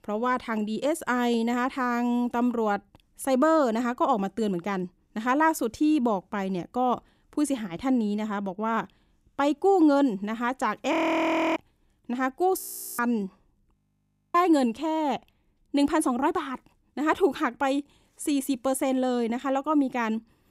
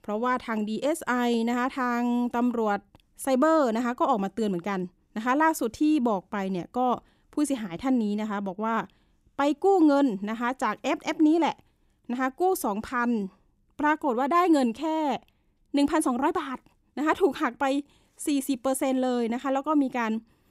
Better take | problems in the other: second | audio freezing; at 11 s for 0.5 s, at 13 s and at 14 s for 0.5 s

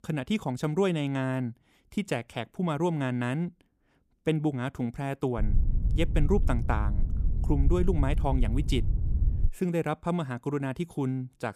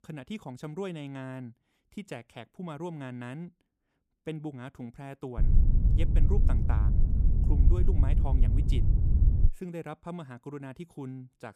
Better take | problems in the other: first | wind noise on the microphone; heavy; from 5.5 to 9.5 s; 1 dB below the speech; occasional gusts in the first

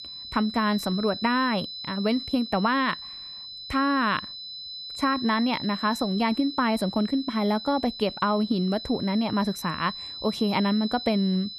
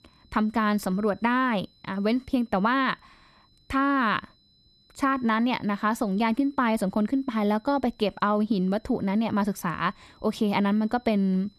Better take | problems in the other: second | high-pitched whine; loud; throughout; 4 kHz, 9 dB below the speech; faint in the second

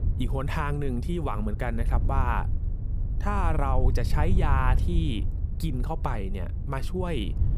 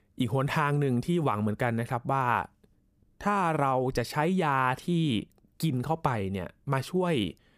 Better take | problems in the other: second | wind noise on the microphone; occasional gusts; 15 dB below the speech

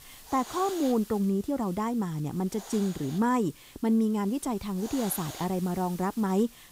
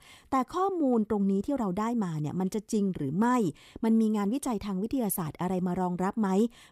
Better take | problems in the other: second | hiss; noticeable; throughout; 15 dB below the speech

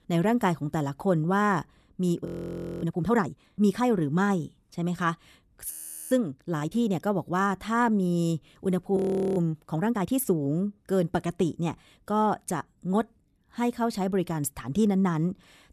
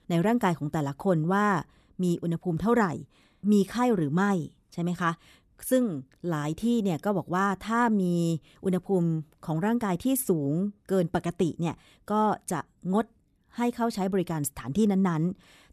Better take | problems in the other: second | audio freezing; at 2.5 s for 0.5 s, at 5.5 s and at 9 s

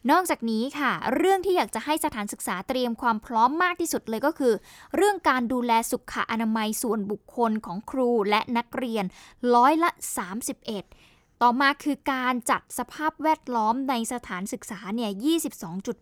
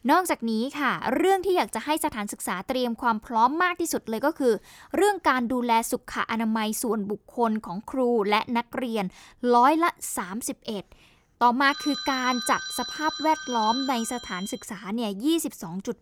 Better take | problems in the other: first | phone ringing; noticeable; from 12 to 15 s; peak 6 dB below the speech

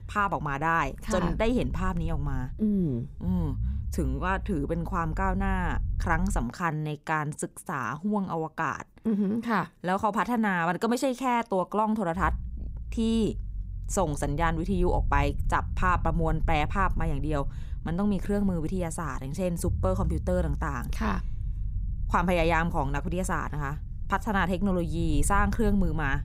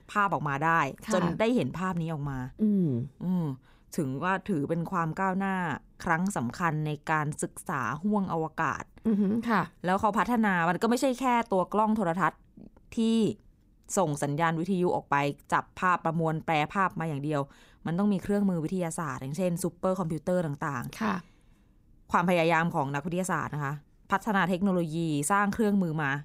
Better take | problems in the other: second | low rumble; faint; until 6.5 s and from 12 s on; 25 dB below the speech

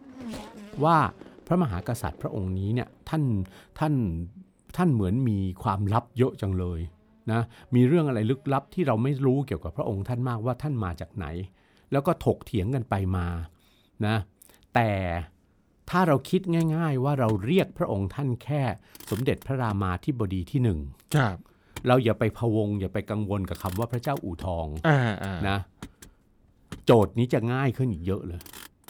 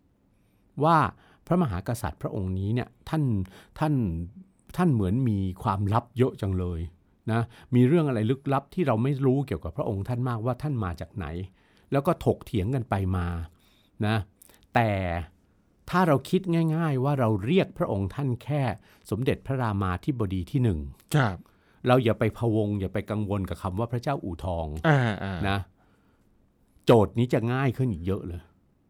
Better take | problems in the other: second | traffic noise; faint; throughout; 20 dB below the speech

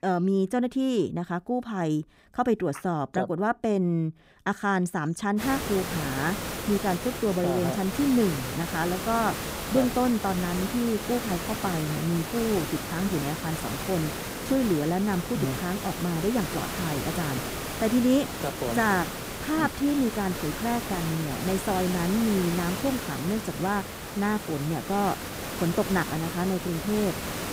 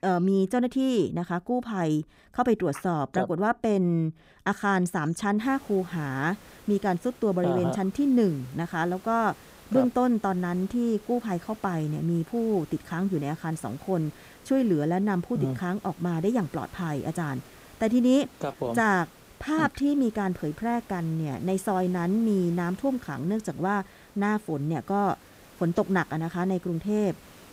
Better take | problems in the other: second | hiss; loud; from 5.5 s on; 5 dB below the speech; faint in the second

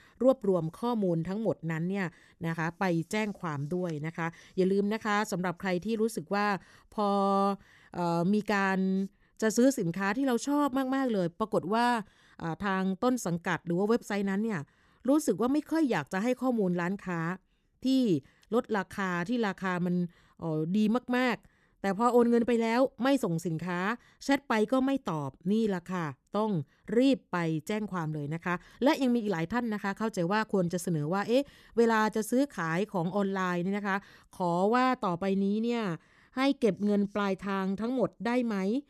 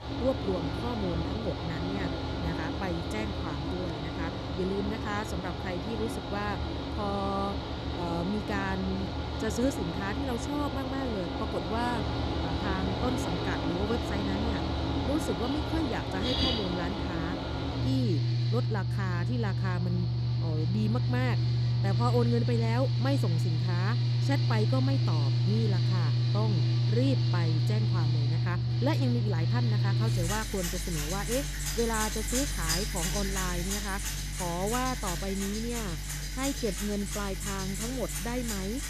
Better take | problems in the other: first | machinery noise; very loud; throughout; 4 dB above the speech

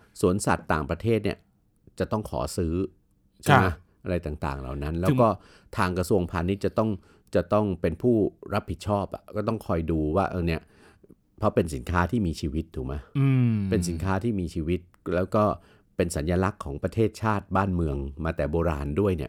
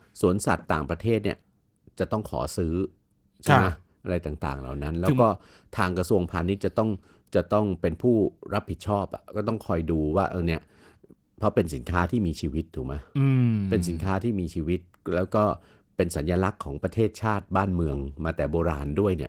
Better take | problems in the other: first | garbled, watery; slightly

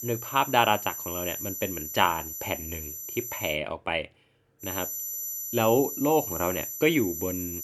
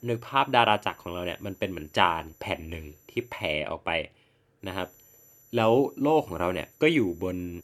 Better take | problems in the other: second | high-pitched whine; loud; until 3.5 s and from 4.5 s on; 12 kHz, 6 dB below the speech; faint in the second

